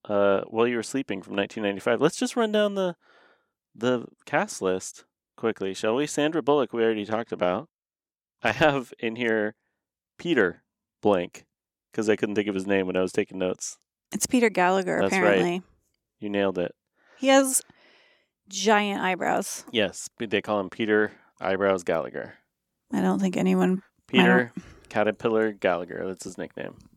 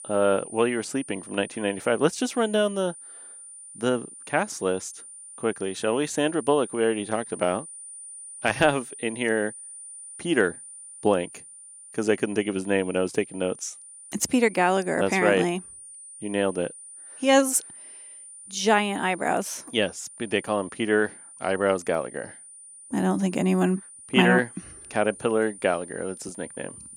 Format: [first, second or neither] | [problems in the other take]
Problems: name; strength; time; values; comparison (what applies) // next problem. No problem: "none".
first | high-pitched whine; noticeable; throughout; 9.5 kHz, 15 dB below the speech